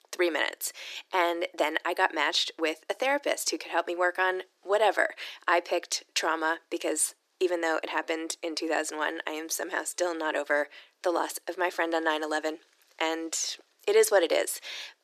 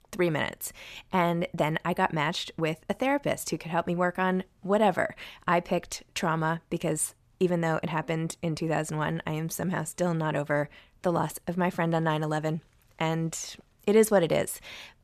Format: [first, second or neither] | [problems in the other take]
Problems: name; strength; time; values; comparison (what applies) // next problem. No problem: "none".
second | thin; very; fading below 300 Hz